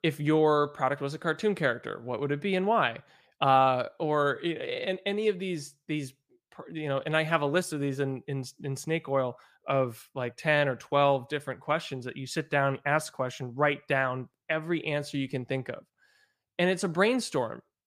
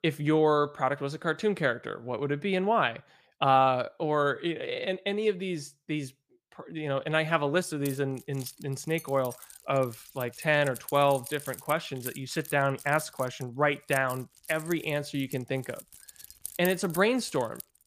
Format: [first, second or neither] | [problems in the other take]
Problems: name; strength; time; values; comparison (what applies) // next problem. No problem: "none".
first | jangling keys; noticeable; from 8 s on; peak 9 dB below the speech